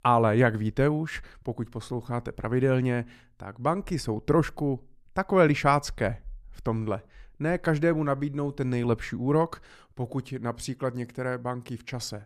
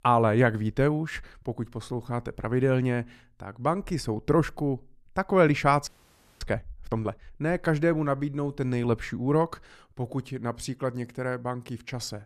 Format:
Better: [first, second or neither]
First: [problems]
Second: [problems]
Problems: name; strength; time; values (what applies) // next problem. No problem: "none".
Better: first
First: none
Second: audio freezing; at 6 s for 0.5 s